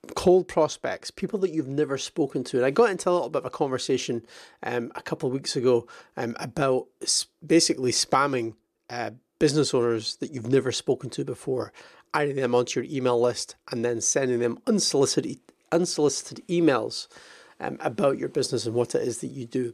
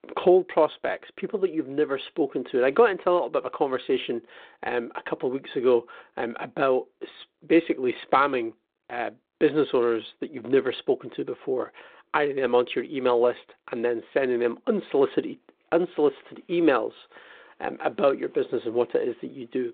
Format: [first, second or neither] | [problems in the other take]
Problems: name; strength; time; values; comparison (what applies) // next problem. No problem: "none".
first | phone-call audio; nothing above 4 kHz